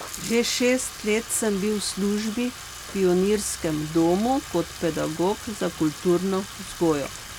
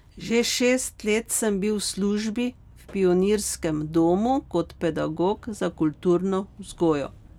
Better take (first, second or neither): second